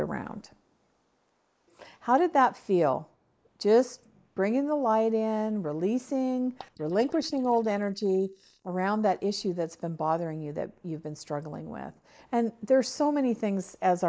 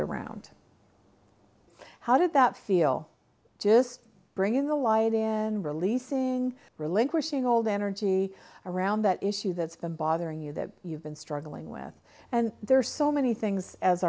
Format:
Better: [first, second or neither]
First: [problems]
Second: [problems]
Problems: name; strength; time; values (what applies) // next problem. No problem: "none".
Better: second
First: noise reduction (neural mask model Resemble Enhance denoiser)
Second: none